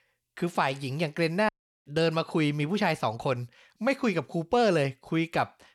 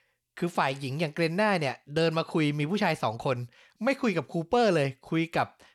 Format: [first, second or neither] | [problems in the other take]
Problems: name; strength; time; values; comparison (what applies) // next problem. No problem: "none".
second | audio cutting out; at 1.5 s